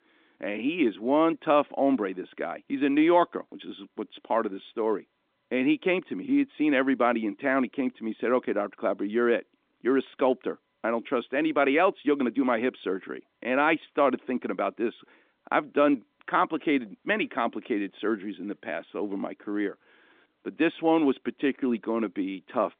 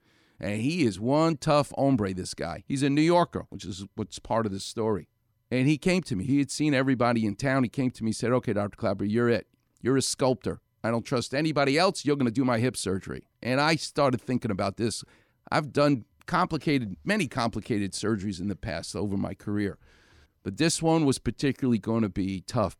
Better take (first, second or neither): second